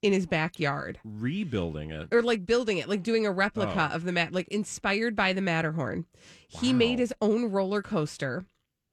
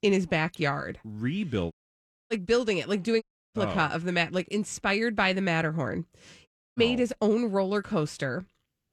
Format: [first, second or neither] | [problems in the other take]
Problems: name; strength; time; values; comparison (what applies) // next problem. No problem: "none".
first | audio cutting out; at 1.5 s for 0.5 s, at 3 s and at 6.5 s